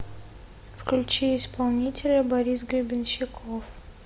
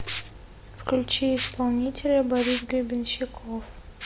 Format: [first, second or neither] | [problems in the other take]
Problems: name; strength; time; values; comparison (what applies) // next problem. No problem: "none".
first | background sound (Liquid); 14 dB below the speech